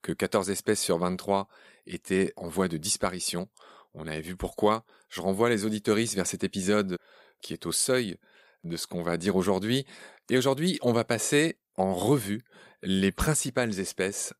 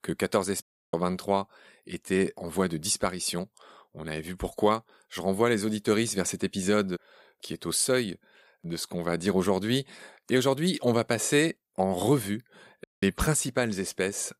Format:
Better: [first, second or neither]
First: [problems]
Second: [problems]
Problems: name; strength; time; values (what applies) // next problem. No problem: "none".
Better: first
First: none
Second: audio cutting out; at 0.5 s and at 13 s